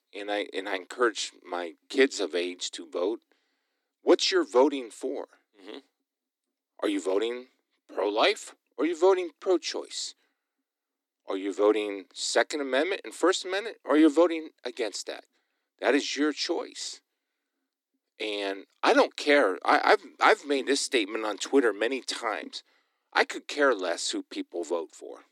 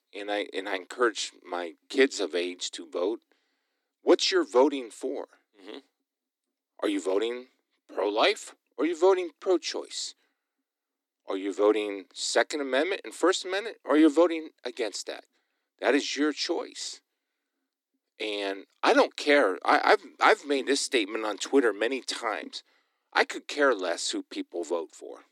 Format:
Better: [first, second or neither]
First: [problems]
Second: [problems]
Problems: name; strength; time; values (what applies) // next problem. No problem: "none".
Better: neither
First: thin; somewhat; fading below 300 Hz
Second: thin; somewhat; fading below 300 Hz